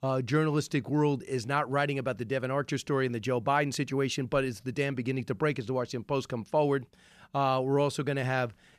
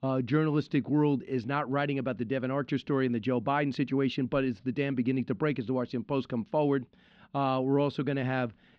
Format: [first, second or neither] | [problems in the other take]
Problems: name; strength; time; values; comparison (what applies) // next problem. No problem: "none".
first | muffled; slightly; fading above 3.5 kHz